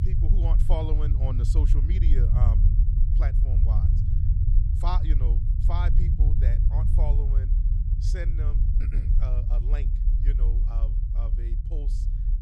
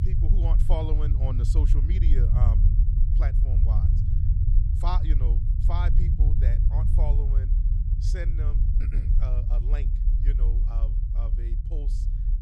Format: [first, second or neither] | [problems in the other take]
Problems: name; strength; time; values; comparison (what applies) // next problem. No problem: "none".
neither | low rumble; loud; throughout; 2 dB below the speech; the same in both